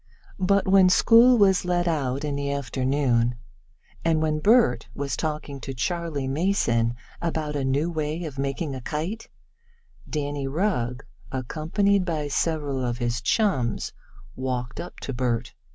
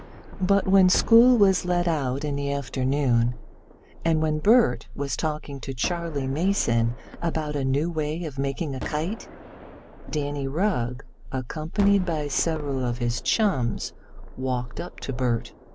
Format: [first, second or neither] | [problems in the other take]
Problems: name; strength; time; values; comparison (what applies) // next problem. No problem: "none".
first | background sound (Gunshot, gunfire); 18 dB below the speech